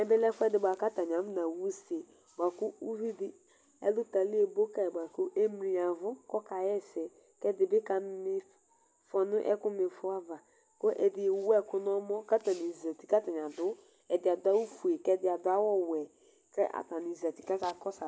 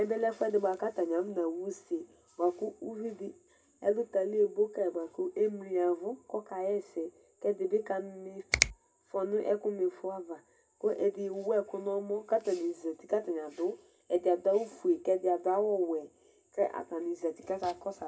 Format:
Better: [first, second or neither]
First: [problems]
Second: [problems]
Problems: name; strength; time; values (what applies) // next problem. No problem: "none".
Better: first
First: none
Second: background sound (Finger snapping); 3 dB below the speech // room echo; dies away in 0.2 s